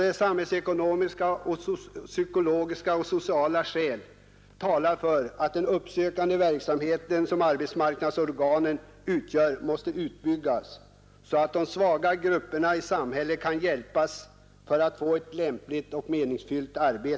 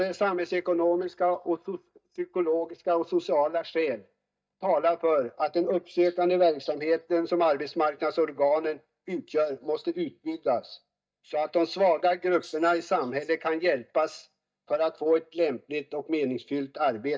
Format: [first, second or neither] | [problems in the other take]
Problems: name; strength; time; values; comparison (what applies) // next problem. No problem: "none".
first | noise reduction (neural mask model DeepFilterNet 3)